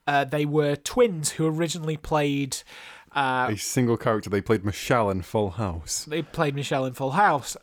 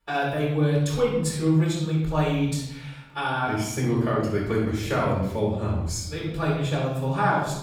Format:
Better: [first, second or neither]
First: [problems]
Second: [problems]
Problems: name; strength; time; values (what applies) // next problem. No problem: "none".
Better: first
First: none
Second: off-mic speech; far // room echo; noticeable; dies away in 1 s